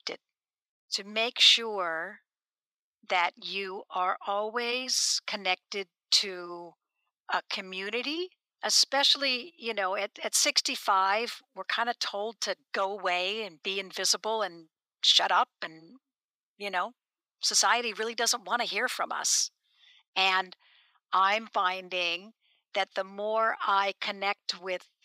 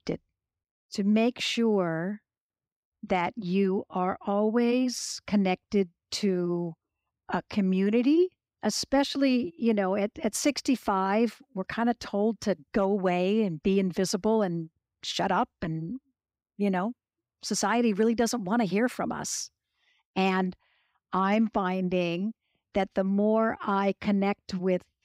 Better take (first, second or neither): second